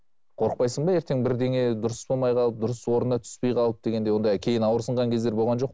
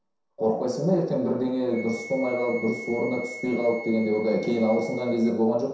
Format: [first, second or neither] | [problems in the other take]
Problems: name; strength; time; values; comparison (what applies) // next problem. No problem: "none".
first | background sound (Wind instrument, woodwind instrument); 16 dB below the speech // room echo; dies away in 0.7 s